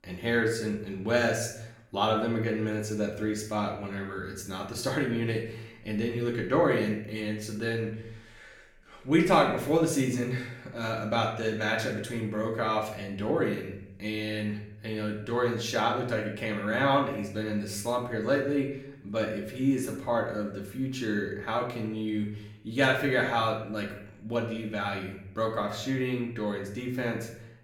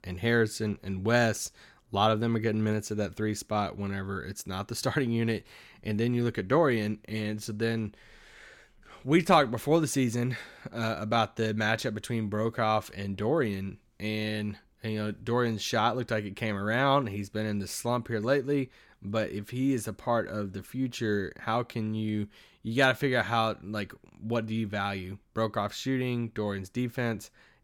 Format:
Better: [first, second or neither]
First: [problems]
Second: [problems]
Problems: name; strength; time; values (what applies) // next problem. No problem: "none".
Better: second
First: room echo; noticeable; dies away in 0.6 s // off-mic speech; far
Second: none